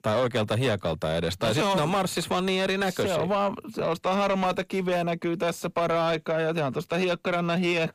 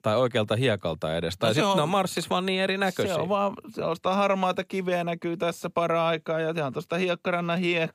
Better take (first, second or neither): second